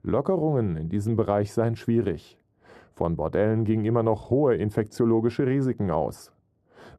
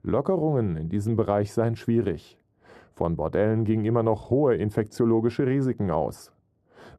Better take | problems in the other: neither | muffled; very; fading above 1.5 kHz; the same in both

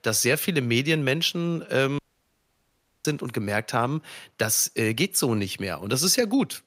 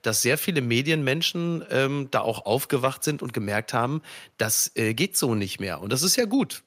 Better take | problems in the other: second | audio cutting out; at 2 s for 1 s

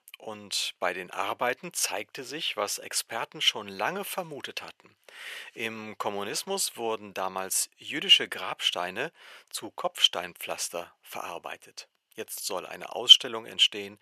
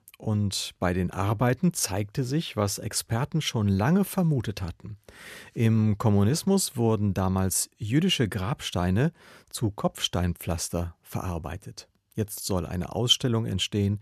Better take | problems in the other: second | thin; very; fading below 600 Hz

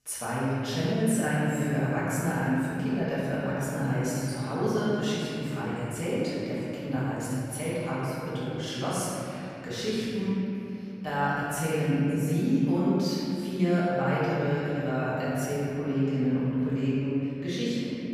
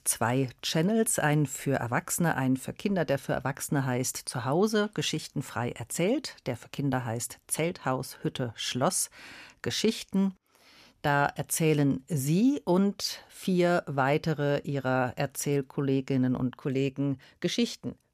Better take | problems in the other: second | room echo; strong; dies away in 3 s // off-mic speech; far

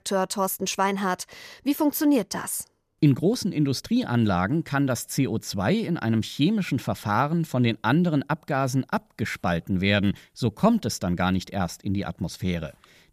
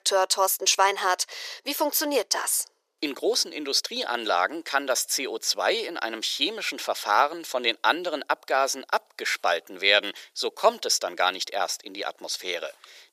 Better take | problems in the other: first | thin; very; fading below 400 Hz

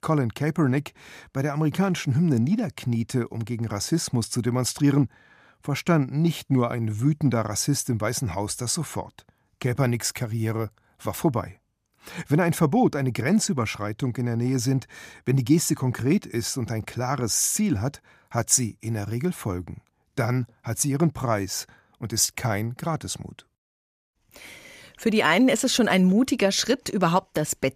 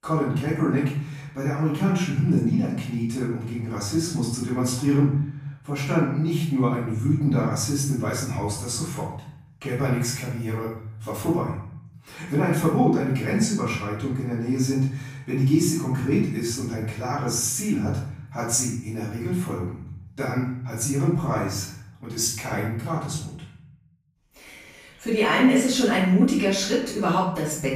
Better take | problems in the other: first | room echo; noticeable; dies away in 0.6 s // off-mic speech; far

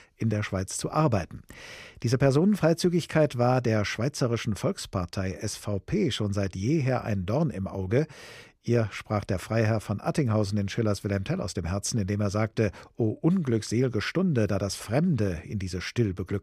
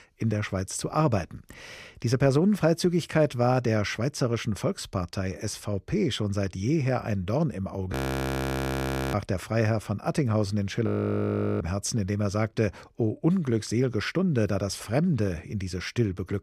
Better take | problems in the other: first | audio freezing; at 8 s for 1 s and at 11 s for 0.5 s

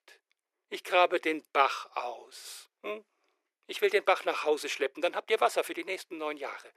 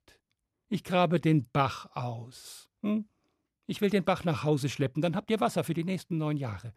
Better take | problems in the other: second | thin; very; fading below 400 Hz

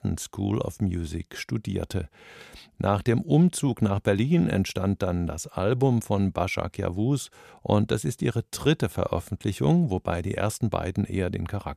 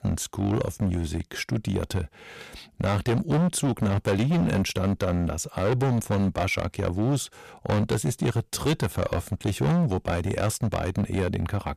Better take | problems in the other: first | distortion; heavy; 13% of the sound clipped

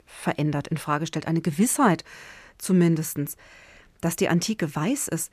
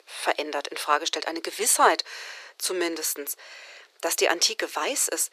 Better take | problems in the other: first | thin; very; fading below 400 Hz

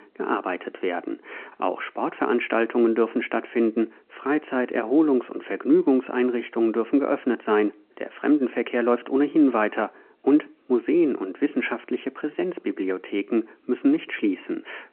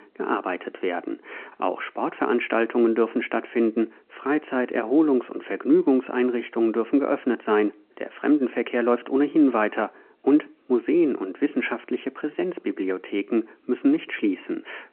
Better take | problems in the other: neither | phone-call audio; the same in both

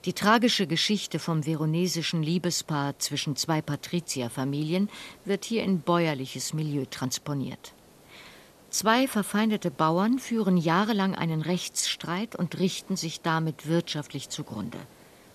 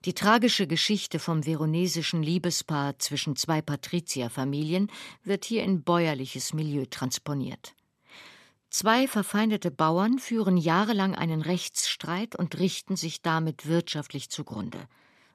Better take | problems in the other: second | hiss; faint; throughout; 30 dB below the speech

